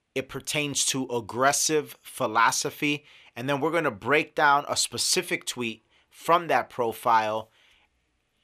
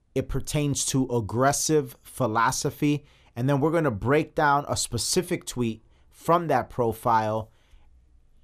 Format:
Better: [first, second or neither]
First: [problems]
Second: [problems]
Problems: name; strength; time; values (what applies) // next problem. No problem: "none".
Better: second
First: thin; somewhat; fading below 500 Hz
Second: none